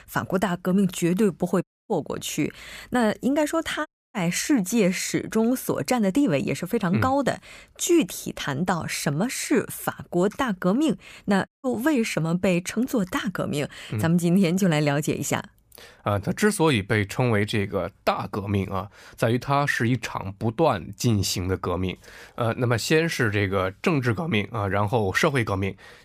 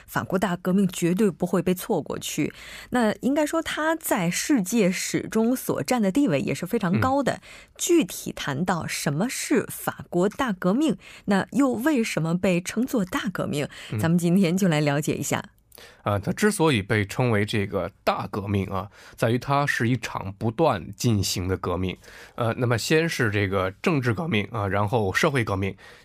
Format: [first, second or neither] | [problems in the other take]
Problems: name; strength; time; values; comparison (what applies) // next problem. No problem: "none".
second | audio cutting out; at 1.5 s, at 4 s and at 11 s